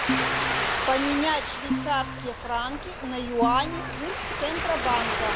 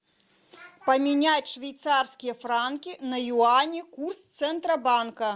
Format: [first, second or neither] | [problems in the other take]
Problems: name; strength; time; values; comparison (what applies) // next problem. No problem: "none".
second | background sound (Ocean + Organ); as loud as the speech